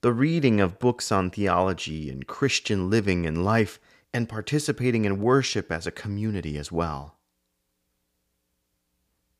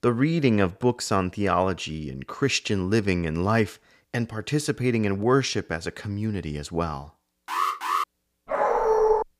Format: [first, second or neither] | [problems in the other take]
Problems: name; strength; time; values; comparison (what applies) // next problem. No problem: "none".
first | alarm; loud; at 7.5 s; peak level with the speech // dog barking; loud; at 8.5 s; peak 5 dB above the speech